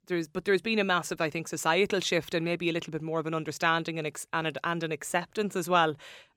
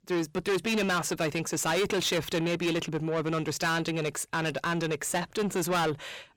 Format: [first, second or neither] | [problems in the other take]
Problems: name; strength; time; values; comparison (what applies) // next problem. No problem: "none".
first | distortion; heavy; 6 dB below the speech